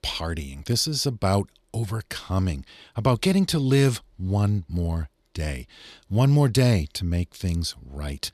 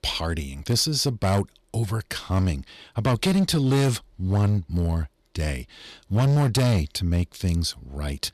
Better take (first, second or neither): first